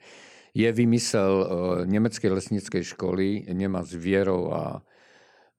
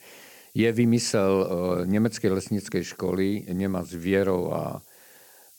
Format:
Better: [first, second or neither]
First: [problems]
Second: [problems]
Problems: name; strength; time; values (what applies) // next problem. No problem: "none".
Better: first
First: none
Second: hiss; faint; throughout; 25 dB below the speech